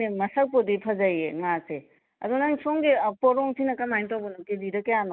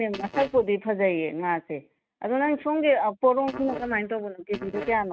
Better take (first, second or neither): first